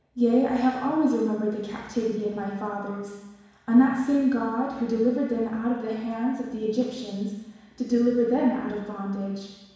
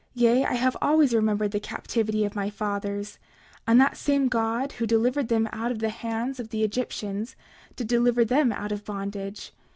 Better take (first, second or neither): second